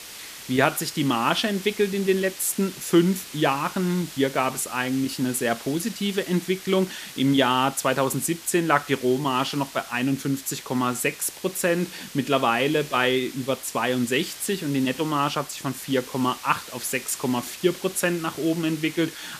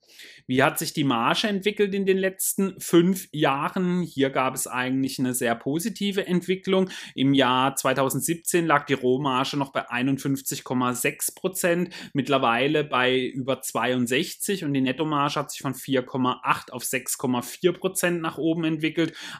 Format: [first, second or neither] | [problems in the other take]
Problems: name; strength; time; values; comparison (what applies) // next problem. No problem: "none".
second | hiss; noticeable; throughout; 15 dB below the speech